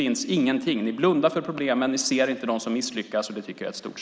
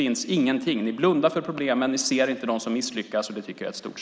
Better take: second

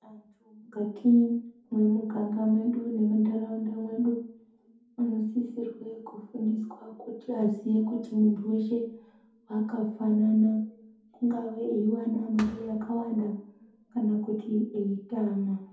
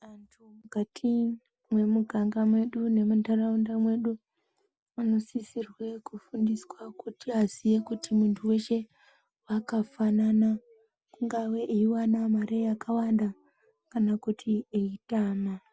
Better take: second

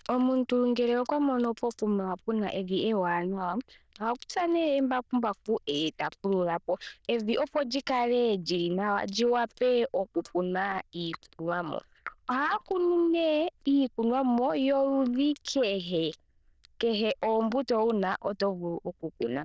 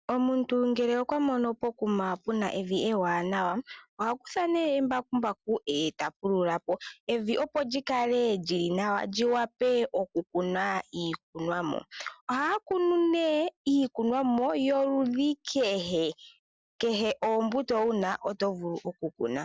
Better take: second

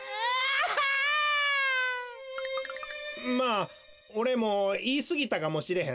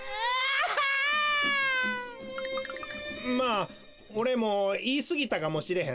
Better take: first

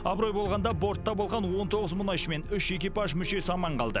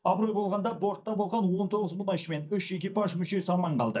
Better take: first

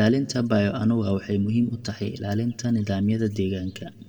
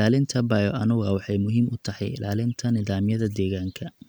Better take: second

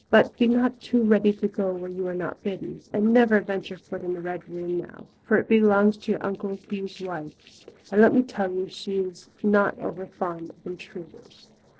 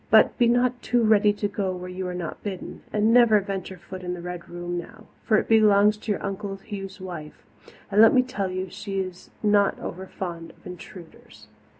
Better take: second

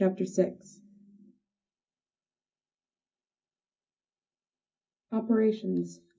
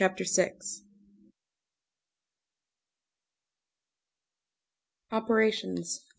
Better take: second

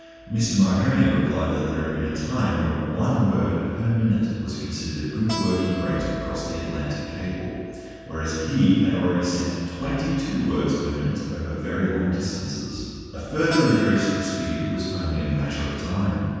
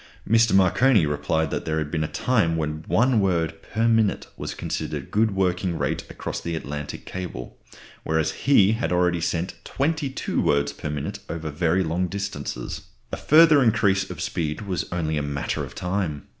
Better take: second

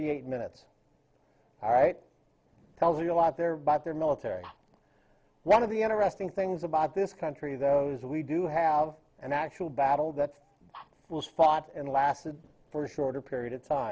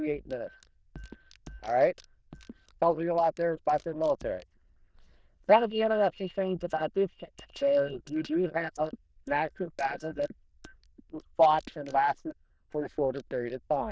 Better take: first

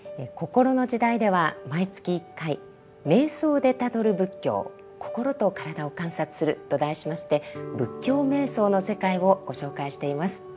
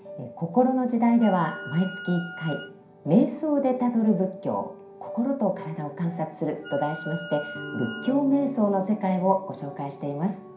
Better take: first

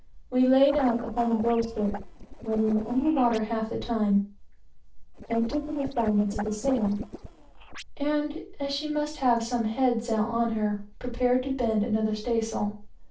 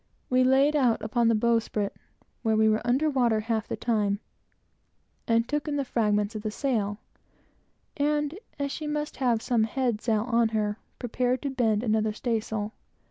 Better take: second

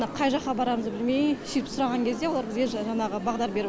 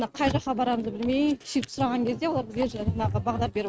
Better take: first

